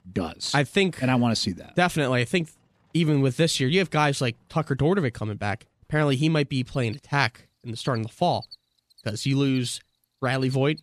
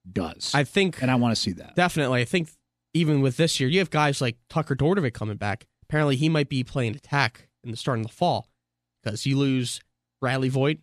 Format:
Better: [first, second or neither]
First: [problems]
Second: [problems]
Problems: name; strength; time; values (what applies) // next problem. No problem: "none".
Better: second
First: animal sounds; faint; throughout; 25 dB below the speech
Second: none